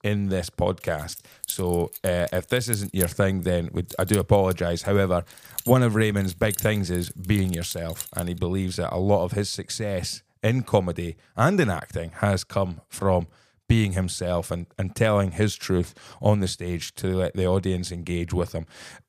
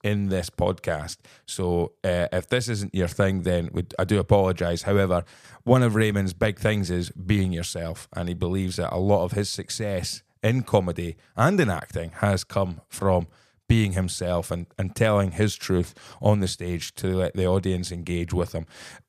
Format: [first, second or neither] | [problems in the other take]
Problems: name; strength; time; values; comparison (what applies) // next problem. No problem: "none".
second | jangling keys; noticeable; from 1 to 8 s; peak 2 dB below the speech